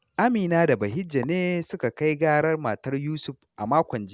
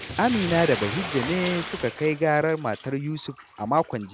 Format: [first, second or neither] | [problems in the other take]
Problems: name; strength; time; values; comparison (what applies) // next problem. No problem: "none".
first | background sound (Bathtub (filling or washing)); 10 dB below the speech